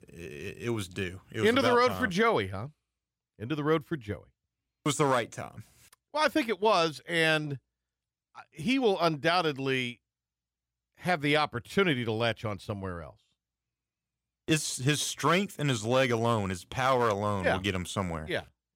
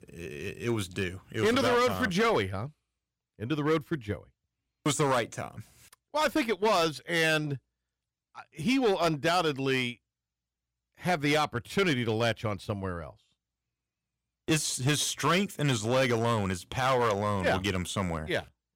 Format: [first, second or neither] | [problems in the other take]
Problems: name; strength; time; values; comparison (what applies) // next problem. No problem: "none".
first | distortion; slight; 6% of the sound clipped